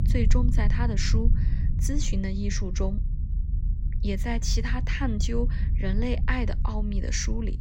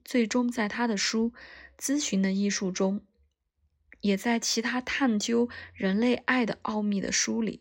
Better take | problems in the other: second | low rumble; noticeable; throughout; 10 dB below the speech

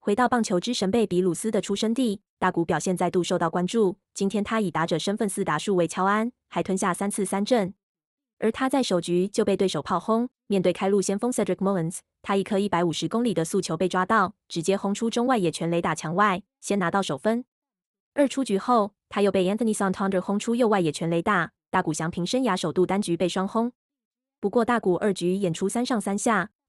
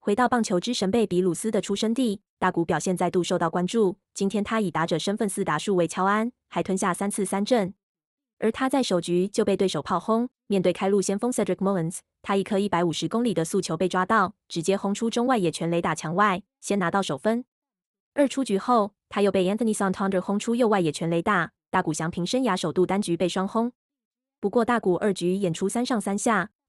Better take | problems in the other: neither | none

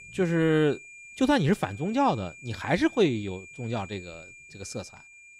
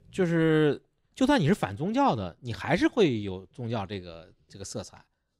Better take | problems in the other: second | high-pitched whine; noticeable; throughout; 2.5 kHz, 20 dB below the speech

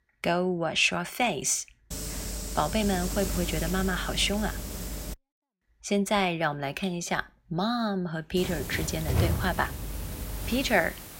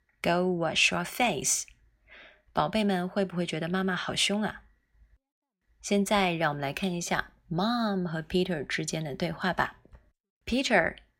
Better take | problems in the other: second | hiss; loud; from 2 to 5 s and from 8.5 s on; 6 dB below the speech

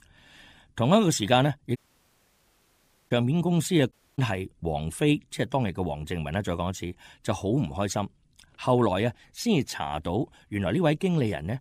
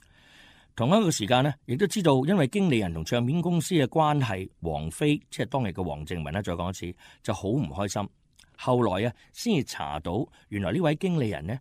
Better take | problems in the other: second | audio cutting out; at 2 s for 1.5 s and at 4 s

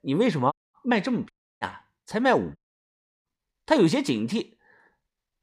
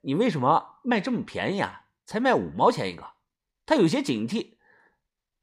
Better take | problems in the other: second | audio cutting out; at 0.5 s, at 1.5 s and at 2.5 s for 0.5 s

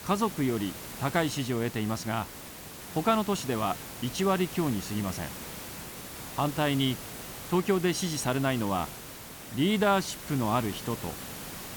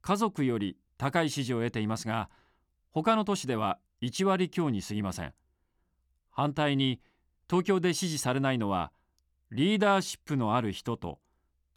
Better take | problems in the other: second | hiss; noticeable; throughout; 10 dB below the speech

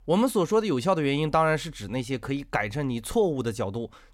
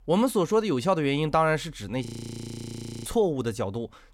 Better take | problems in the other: first | audio freezing; at 2 s for 1 s

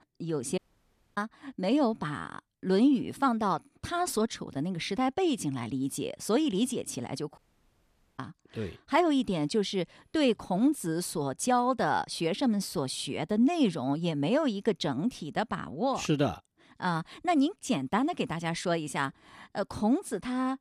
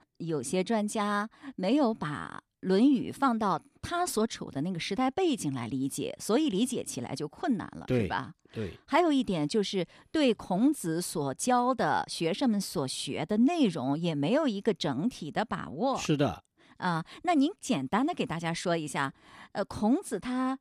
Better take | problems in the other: second | audio cutting out; at 0.5 s for 0.5 s and at 7.5 s for 1 s

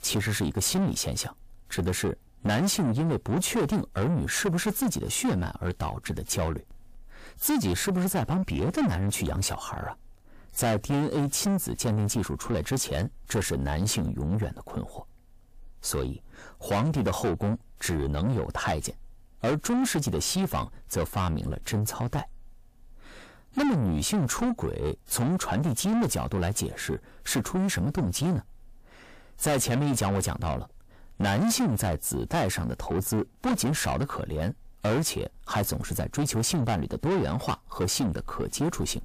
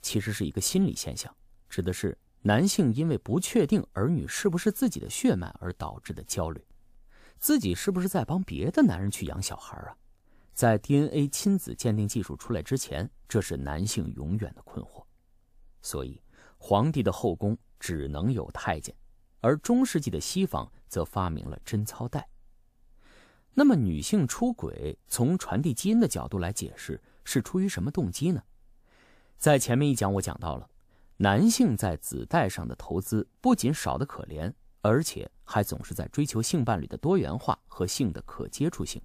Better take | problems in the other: second | distortion; heavy; 5 dB below the speech

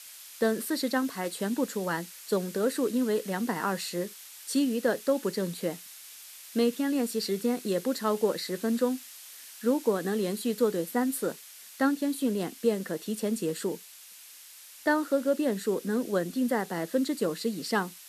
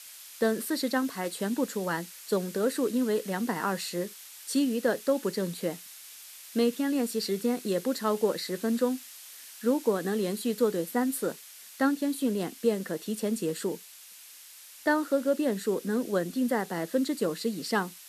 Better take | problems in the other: neither | hiss; noticeable; throughout; 15 dB below the speech; the same in both

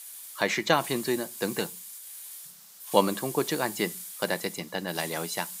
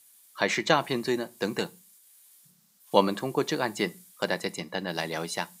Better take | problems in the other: second | hiss; loud; throughout; 9 dB below the speech; faint in the second

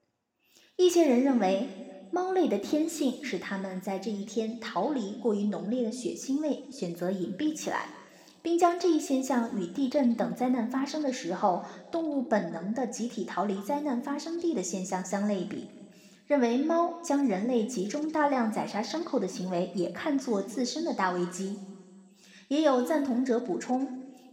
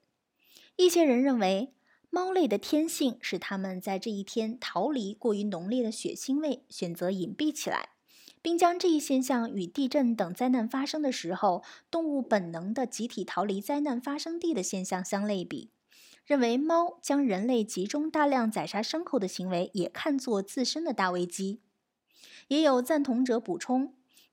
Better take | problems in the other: second | room echo; slight; dies away in 1.6 s

